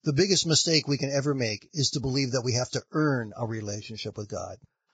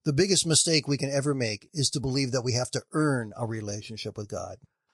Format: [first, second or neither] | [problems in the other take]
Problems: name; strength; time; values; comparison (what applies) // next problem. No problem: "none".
second | garbled, watery; badly; nothing above 7.5 kHz; slightly in the second